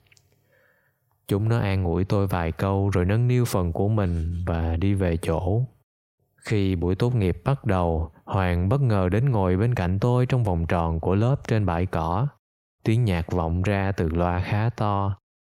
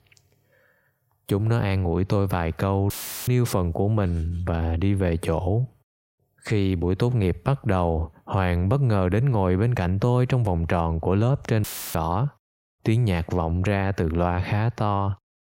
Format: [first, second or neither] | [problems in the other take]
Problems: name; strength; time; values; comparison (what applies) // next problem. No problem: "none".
first | audio cutting out; filled with static; at 3 s and at 12 s